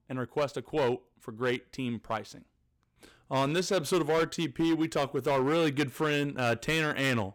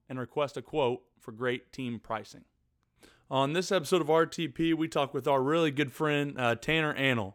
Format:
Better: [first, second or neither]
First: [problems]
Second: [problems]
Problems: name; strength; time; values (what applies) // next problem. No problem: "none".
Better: second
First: distortion; slight; 8% of the sound clipped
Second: none